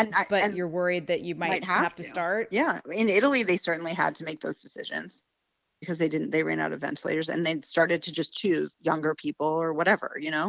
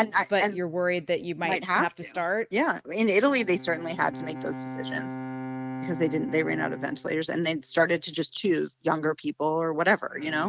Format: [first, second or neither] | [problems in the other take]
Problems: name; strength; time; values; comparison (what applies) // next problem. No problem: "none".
first | noise reduction (neural mask model RNNoise)